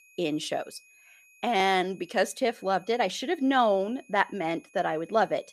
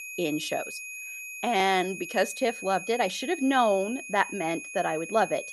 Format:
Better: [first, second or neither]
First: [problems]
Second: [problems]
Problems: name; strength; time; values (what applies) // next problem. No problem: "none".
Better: first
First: high-pitched whine; faint; throughout; 2.5 kHz, 30 dB below the speech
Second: high-pitched whine; loud; throughout; 2.5 kHz, 10 dB below the speech